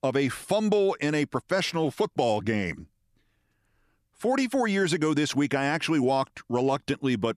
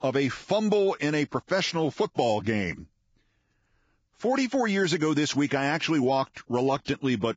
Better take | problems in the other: first | garbled, watery; badly; nothing above 7.5 kHz

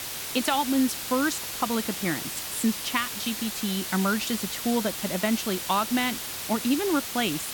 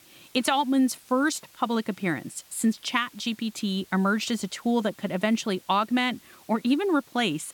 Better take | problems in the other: second | hiss; loud; throughout; 4 dB below the speech; faint in the second

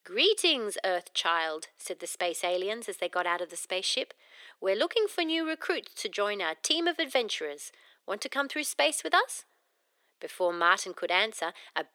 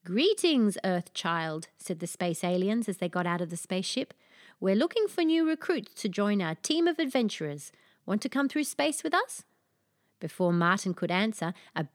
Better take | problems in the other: second | thin; very; fading below 400 Hz

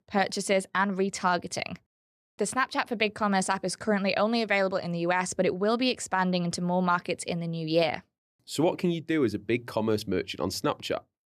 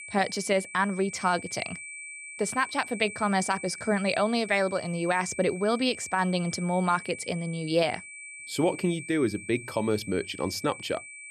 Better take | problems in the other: first | high-pitched whine; noticeable; throughout; 2.5 kHz, 10 dB below the speech

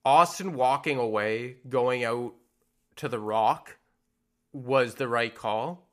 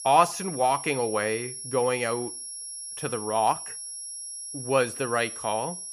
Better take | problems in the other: first | high-pitched whine; loud; throughout; 10.5 kHz, 8 dB below the speech

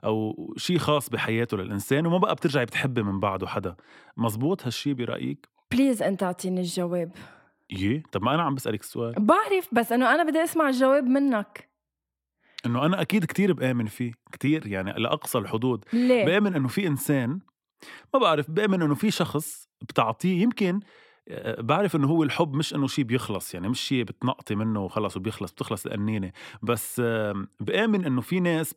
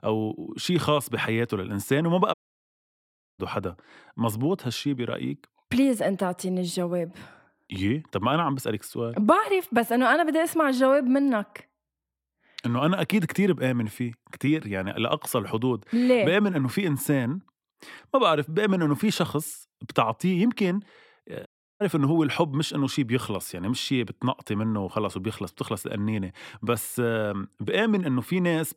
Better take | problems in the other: first | audio cutting out; at 2.5 s for 1 s and at 21 s

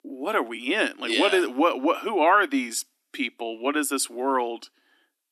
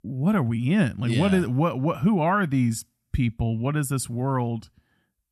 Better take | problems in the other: second | thin; somewhat; fading below 300 Hz

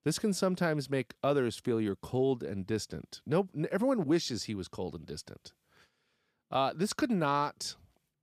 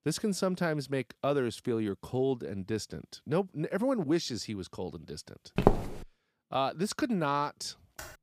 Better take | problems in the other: first | footsteps; loud; at 5.5 s; peak 5 dB above the speech // keyboard typing; faint; at 8 s; peak 15 dB below the speech

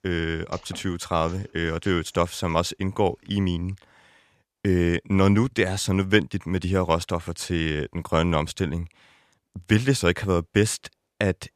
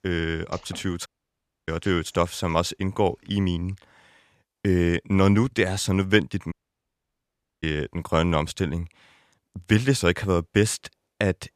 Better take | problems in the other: first | audio cutting out; at 1 s for 0.5 s and at 6.5 s for 1 s

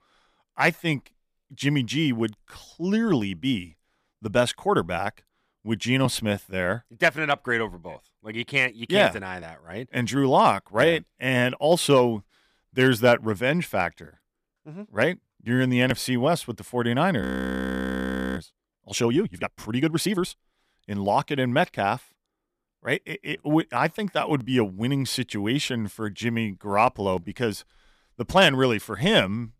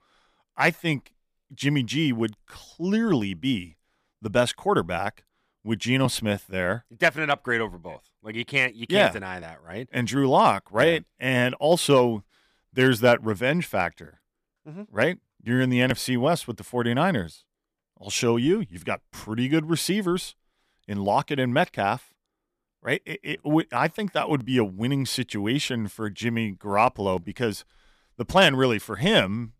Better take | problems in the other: second | audio freezing; at 17 s for 1 s

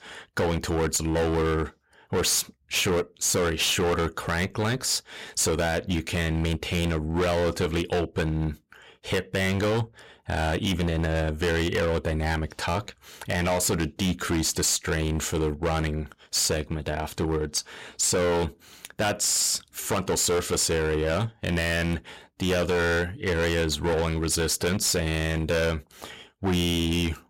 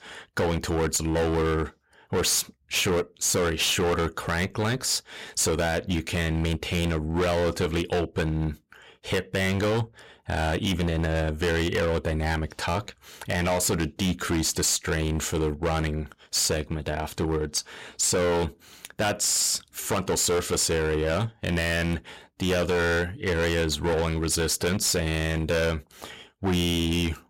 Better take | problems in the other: neither | distortion; heavy; 17% of the sound clipped; the same in both

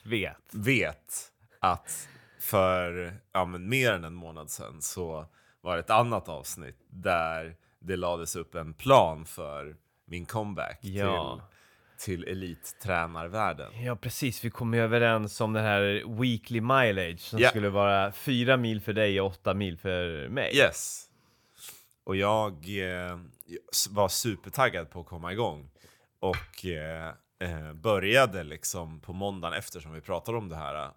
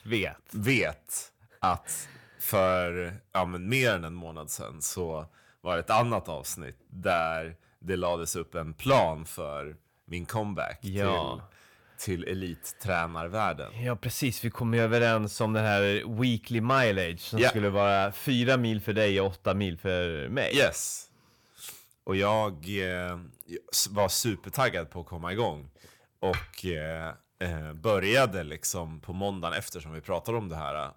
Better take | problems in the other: first | distortion; slight; 10 dB below the speech

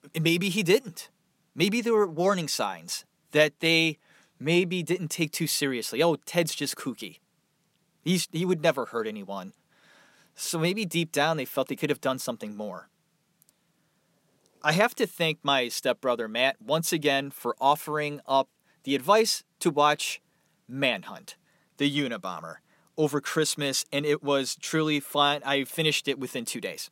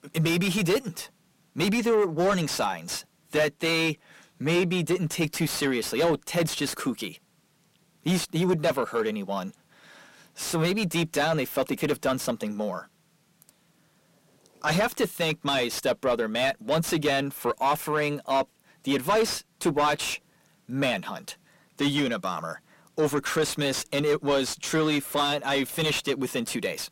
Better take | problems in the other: first | distortion; heavy; 7 dB below the speech

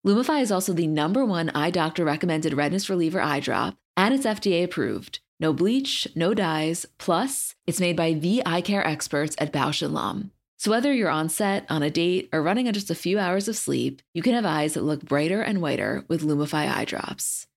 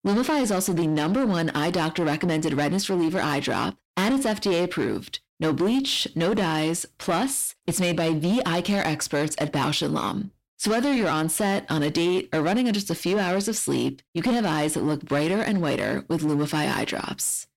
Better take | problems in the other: first | distortion; slight; 14% of the sound clipped

